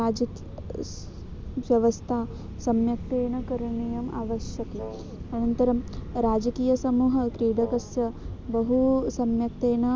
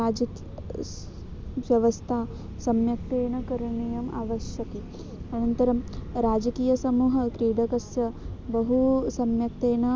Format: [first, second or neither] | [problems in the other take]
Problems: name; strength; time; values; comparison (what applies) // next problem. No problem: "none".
second | background sound (Wind instrument, woodwind instrument); 14 dB below the speech